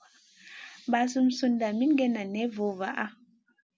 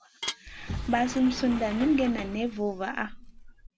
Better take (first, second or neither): first